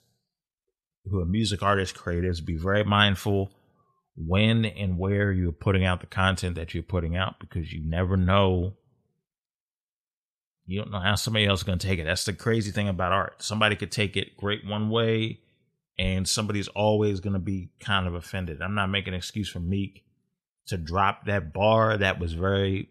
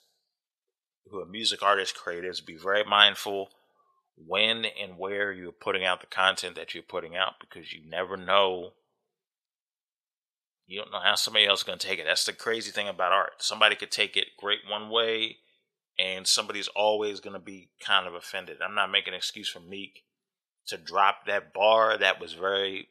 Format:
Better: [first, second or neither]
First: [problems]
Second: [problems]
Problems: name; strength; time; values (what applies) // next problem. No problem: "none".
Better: first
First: none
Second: thin; very; fading below 600 Hz